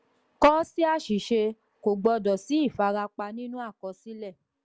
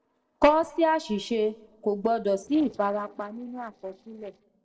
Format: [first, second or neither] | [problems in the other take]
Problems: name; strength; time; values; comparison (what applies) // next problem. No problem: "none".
first | noise reduction (neural separator model SepFormer DNS4)